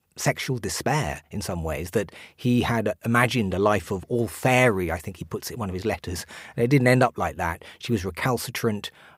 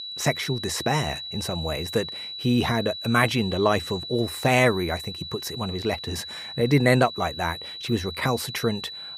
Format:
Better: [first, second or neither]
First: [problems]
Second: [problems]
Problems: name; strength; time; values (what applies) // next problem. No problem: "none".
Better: first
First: none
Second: high-pitched whine; loud; throughout; 4 kHz, 9 dB below the speech